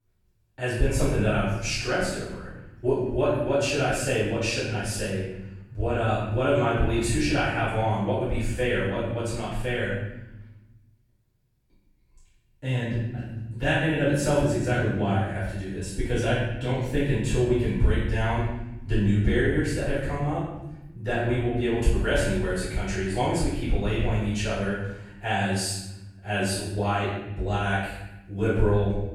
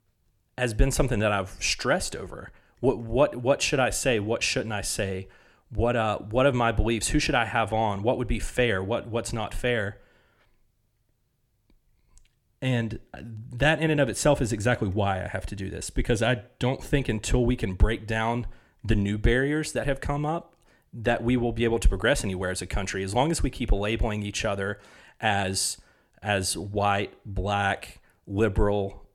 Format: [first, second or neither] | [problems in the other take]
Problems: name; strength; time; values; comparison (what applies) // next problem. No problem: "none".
second | off-mic speech; far // room echo; strong; dies away in 1 s